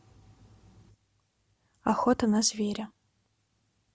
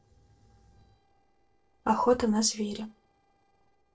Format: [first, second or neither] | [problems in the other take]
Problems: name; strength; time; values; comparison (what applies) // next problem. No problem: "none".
first | noise reduction (neural separator model SepFormer DNS4)